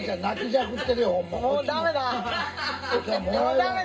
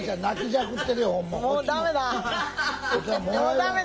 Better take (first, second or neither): second